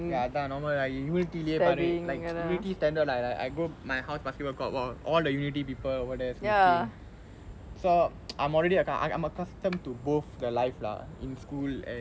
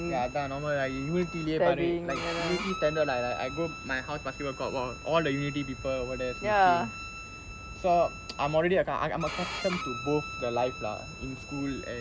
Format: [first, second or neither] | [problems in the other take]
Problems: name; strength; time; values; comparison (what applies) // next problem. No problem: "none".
first | background sound (Bowed string instrument); 11 dB below the speech